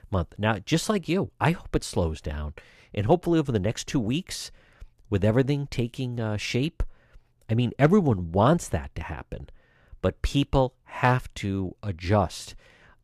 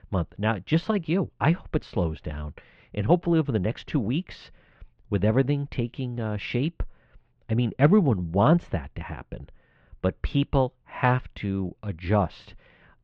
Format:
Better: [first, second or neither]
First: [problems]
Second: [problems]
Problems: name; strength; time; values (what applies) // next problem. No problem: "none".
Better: first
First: none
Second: muffled; slightly; fading above 3.5 kHz